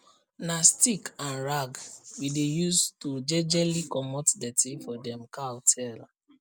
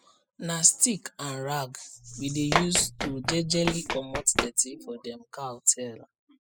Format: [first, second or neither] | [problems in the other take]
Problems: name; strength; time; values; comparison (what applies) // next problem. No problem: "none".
first | noise reduction (classical method spectral subtraction)